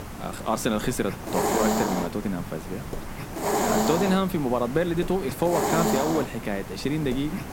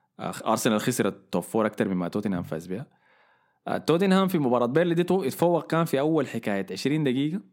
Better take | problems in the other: second | hiss; loud; throughout; 2 dB below the speech

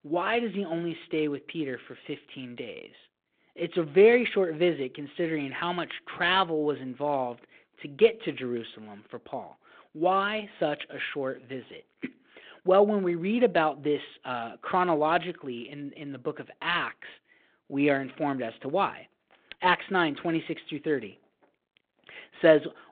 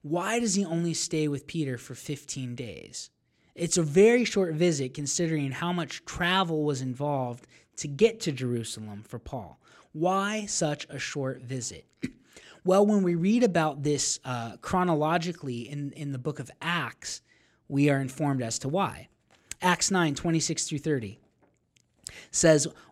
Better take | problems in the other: second | phone-call audio

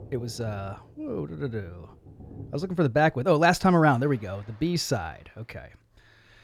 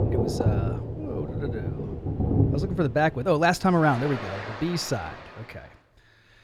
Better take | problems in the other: first | rain or running water; loud; until 5 s; 3 dB below the speech; faint in the first

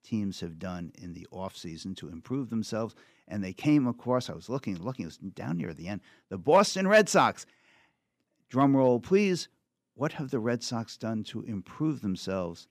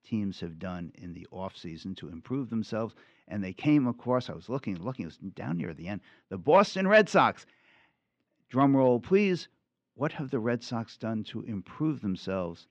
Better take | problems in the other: first | muffled; very slightly; fading above 3 kHz

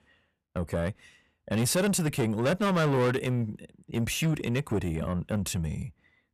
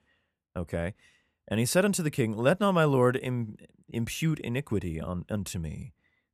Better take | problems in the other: second | distortion; heavy; 7 dB below the speech

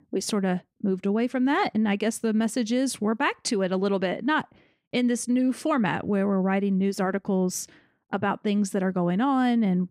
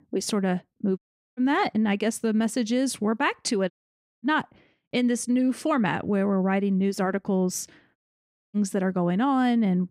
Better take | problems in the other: first | audio cutting out; at 1 s, at 3.5 s for 0.5 s and at 8 s for 0.5 s

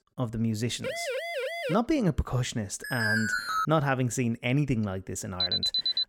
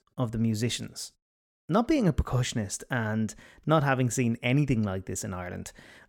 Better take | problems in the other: second | siren; noticeable; at 1 s; peak 2 dB below the speech // alarm; loud; at 3 s and at 5.5 s; peak 5 dB above the speech

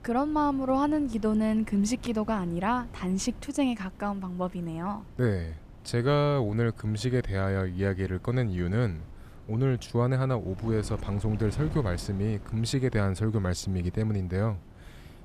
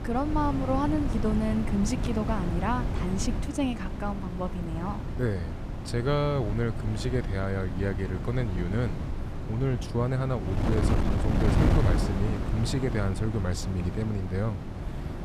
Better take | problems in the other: first | wind noise on the microphone; heavy; 5 dB below the speech; occasional gusts in the first

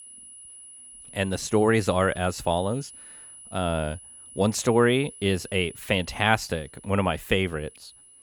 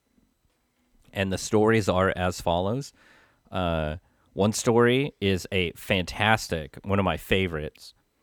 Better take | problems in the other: second | high-pitched whine; noticeable; throughout; 10 kHz, 20 dB below the speech

